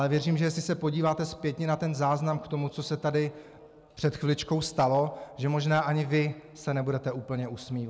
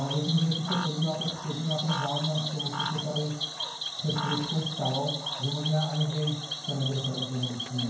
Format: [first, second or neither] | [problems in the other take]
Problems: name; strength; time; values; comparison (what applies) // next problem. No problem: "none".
first | background sound (Cricket / Frog); 5 dB below the speech // room echo; dies away in 0.9 s